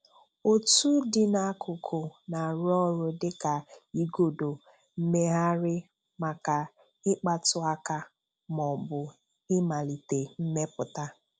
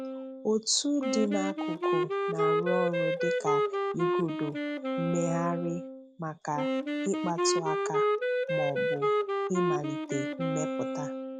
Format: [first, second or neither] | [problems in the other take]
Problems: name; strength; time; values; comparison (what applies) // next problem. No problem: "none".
first | background sound (Wind instrument, woodwind instrument); 3 dB above the speech